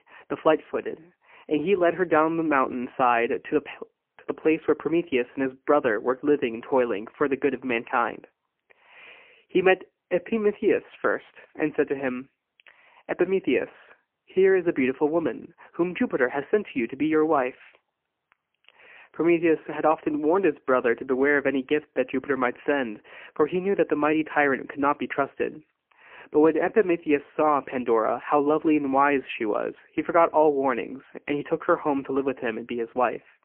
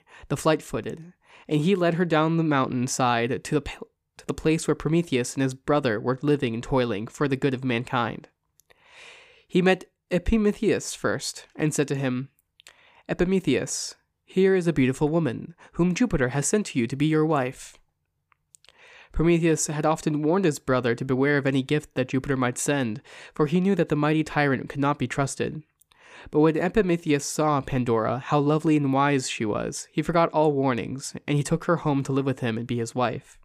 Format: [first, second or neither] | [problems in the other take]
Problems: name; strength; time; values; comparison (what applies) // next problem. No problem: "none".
second | phone-call audio; poor line; nothing above 3 kHz